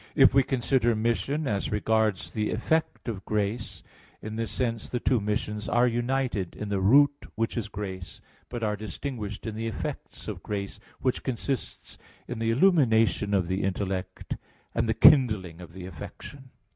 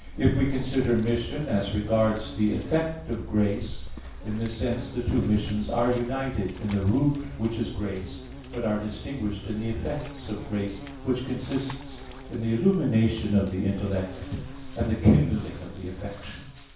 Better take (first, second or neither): first